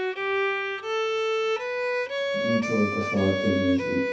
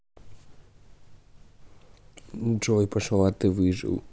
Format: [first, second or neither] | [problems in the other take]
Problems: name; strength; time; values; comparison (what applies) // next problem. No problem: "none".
second | background sound (Bowed string instrument); 2 dB above the speech // room echo; dies away in 0.6 s